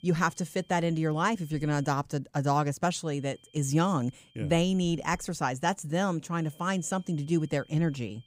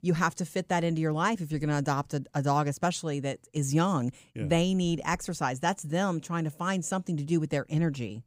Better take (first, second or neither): second